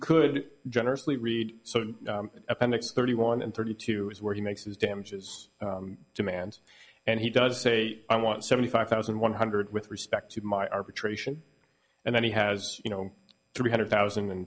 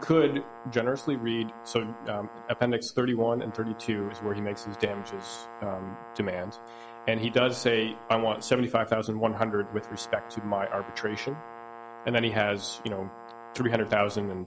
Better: first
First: none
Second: background sound (Brass instrument); 15 dB below the speech

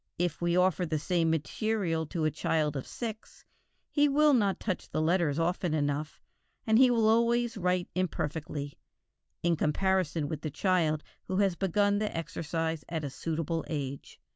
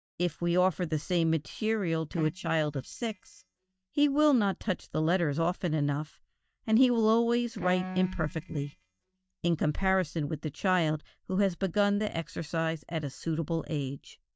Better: first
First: none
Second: noise reduction (neural mask model DeepFilterNet 3)

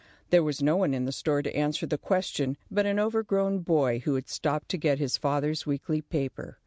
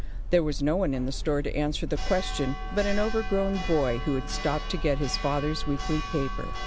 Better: first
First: none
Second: background sound (Church bell); 2 dB below the speech

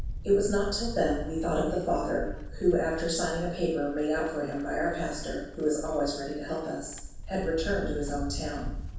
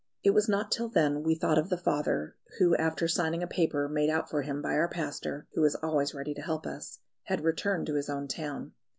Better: second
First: background sound (Livestock, farm animals, working animals); 8 dB below the speech // room echo; dies away in 0.7 s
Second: none

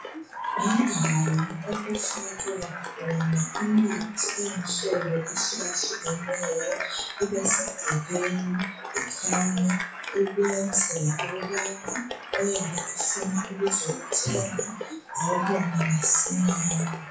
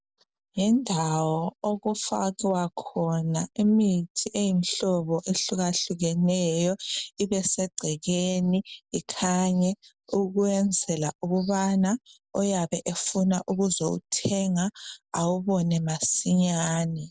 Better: second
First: noise reduction (classical method WPE with log-MMSE)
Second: none

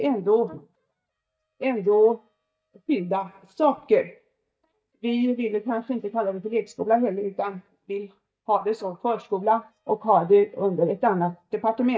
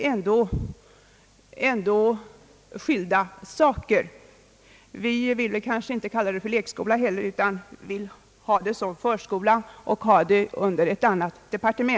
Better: second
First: noise reduction (neural mask model DeepFilterNet 3)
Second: none

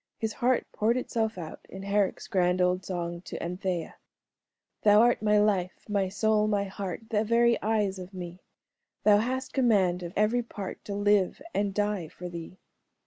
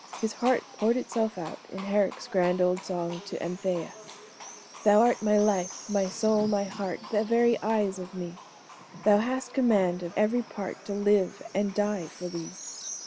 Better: first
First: none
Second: background sound (Livestock, farm animals, working animals); 17 dB below the speech

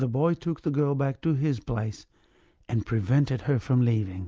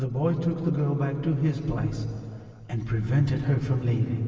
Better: first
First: none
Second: room echo; dies away in 2.6 s

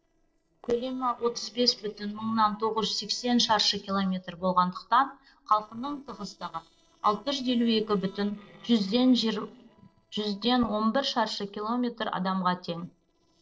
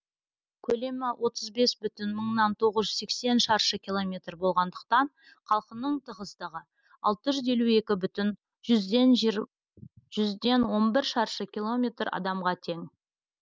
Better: second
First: noise reduction (neural separator model SepFormer DNS4)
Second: none

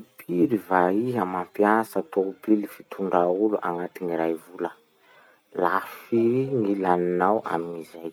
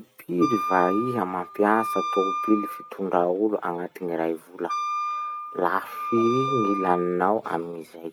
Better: first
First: none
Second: background sound (Wind instrument, woodwind instrument); 5 dB below the speech

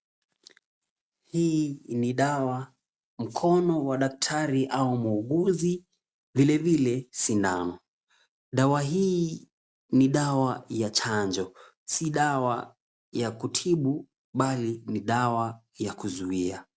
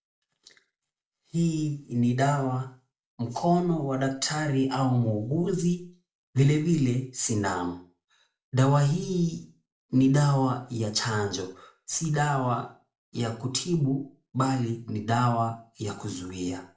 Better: first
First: none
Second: room echo; dies away in 0.4 s

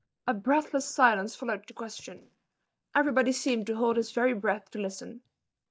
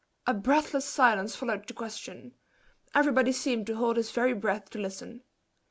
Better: second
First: noise reduction (neural mask model DeepFilterNet 3)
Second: none

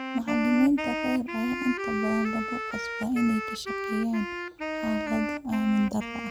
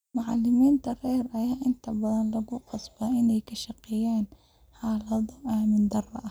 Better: second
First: background sound (Wind instrument, woodwind instrument); 4 dB below the speech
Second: none

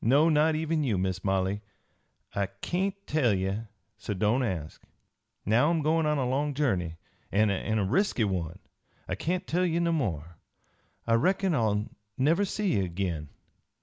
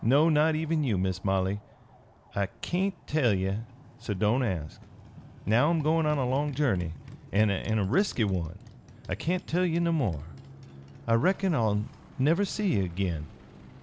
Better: first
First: none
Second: background sound (Motorcycle); 20 dB below the speech

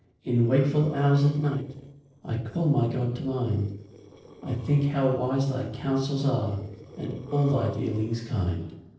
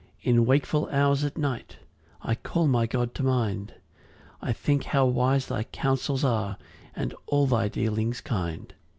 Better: second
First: noise reduction (neural separator model SepFormer DNS4)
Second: none

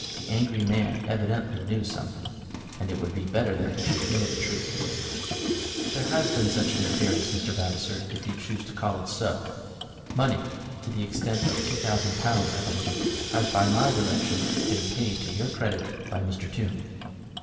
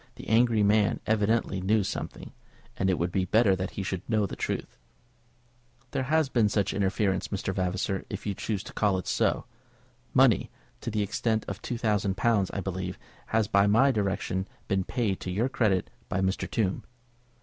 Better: second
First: background sound (Sink (filling or washing) / Water tap, faucet); 3 dB below the speech // room echo; dies away in 2.6 s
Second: none

